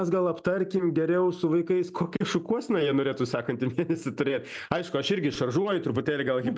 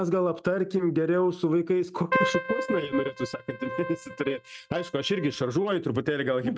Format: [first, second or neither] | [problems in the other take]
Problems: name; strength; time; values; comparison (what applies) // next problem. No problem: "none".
first | noise reduction (neural mask model RNNoise)